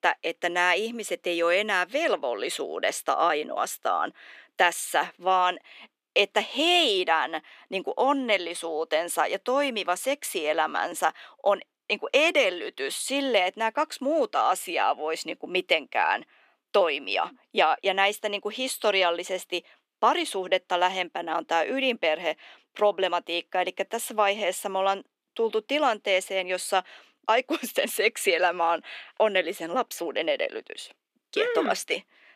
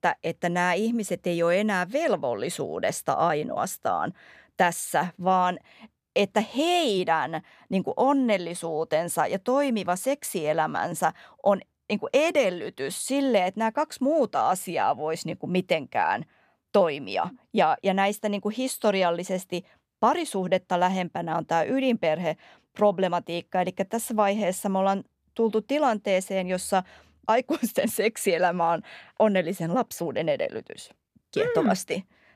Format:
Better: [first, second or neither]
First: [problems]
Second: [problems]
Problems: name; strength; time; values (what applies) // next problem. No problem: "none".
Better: second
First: thin; somewhat; fading below 300 Hz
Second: none